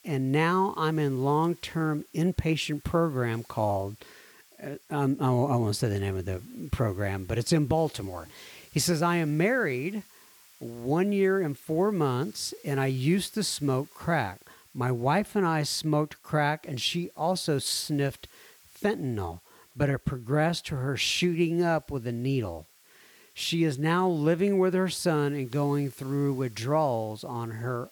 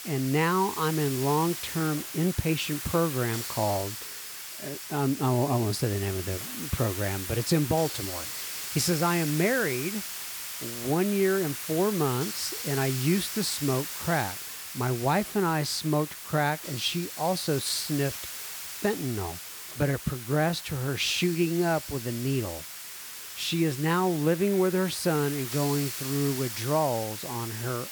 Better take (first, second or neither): first